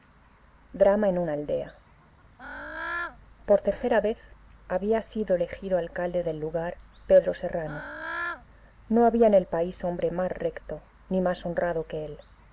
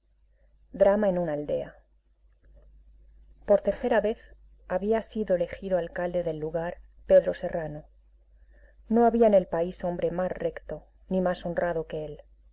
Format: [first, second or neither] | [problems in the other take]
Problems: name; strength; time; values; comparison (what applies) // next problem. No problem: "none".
second | background sound (Bird / Fowl); 16 dB below the speech